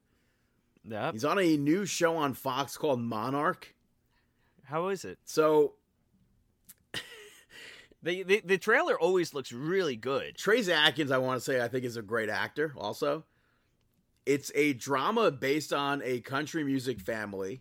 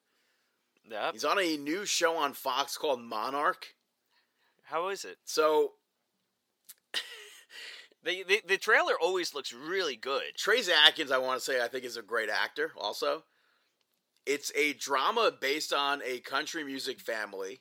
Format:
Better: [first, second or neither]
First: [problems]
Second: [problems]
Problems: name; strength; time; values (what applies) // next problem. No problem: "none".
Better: first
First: none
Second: thin; somewhat; fading below 500 Hz